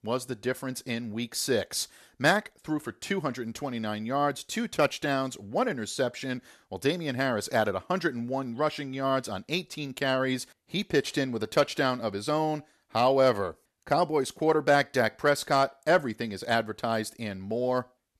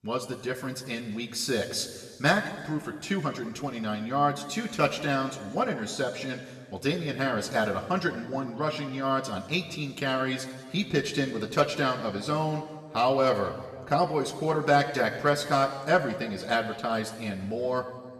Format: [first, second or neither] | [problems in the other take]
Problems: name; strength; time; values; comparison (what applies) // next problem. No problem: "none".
first | room echo; slight; dies away in 1.5 s // off-mic speech; somewhat distant